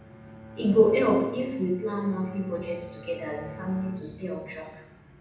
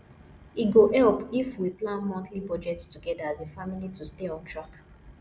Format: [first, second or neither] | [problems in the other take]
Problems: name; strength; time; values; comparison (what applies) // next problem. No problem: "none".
second | background sound (Bowed string instrument); 17 dB below the speech // room echo; dies away in 0.9 s